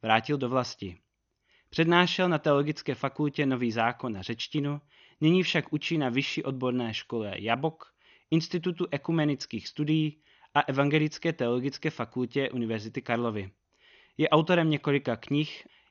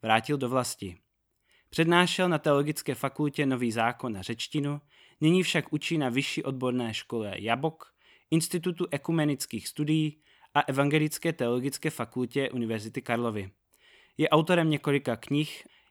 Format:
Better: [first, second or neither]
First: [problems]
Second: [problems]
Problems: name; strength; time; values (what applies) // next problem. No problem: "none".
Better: second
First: garbled, watery; slightly; nothing above 6 kHz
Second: none